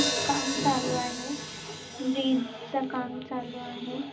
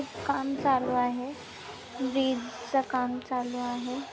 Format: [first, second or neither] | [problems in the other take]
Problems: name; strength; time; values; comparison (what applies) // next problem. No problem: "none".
second | background sound (Hi-hat); 6 dB below the speech // room echo; dies away in 0.4 s